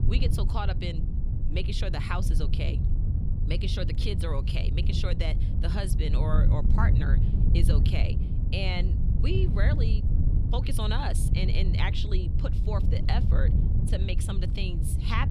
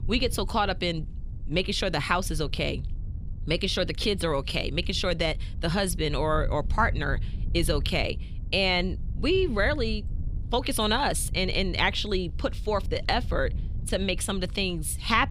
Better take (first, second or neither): second